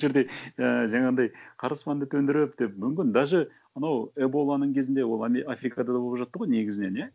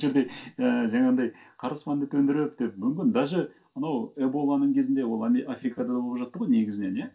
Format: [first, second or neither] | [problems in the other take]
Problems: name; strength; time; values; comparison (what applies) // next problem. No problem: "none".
first | room echo; dies away in 0.2 s